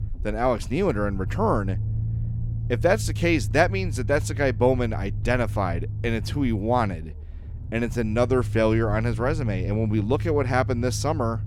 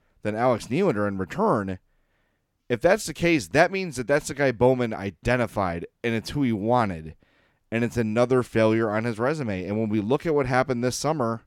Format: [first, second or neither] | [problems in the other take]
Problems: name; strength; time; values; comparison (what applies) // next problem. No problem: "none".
second | low rumble; noticeable; throughout; 20 dB below the speech